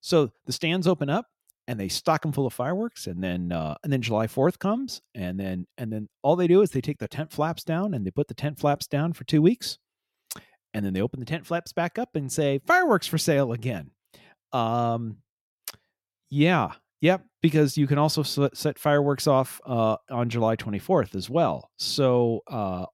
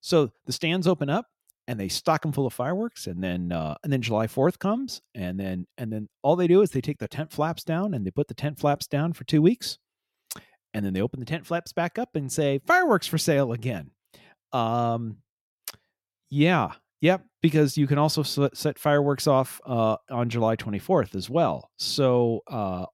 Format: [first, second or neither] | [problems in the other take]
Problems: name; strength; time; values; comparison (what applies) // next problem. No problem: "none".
neither | none